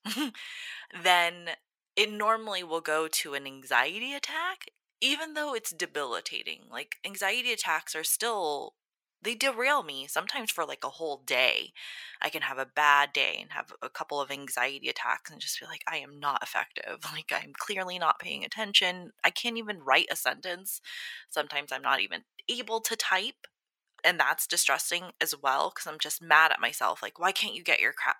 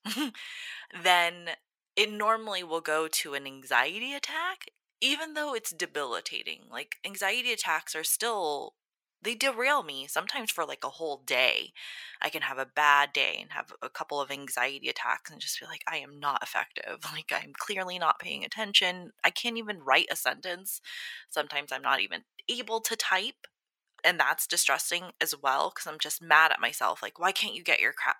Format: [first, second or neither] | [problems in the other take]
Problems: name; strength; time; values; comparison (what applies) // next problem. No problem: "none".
neither | thin; very; fading below 900 Hz; the same in both